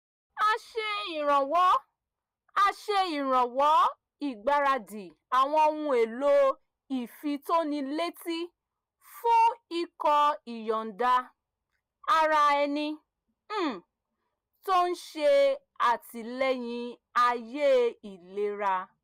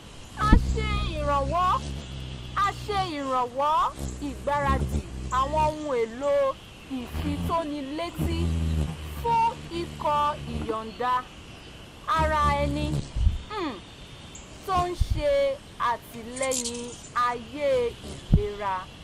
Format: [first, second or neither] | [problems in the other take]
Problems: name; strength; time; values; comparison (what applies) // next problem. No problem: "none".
first | background sound (Bird vocalization, bird call, bird song); 2 dB below the speech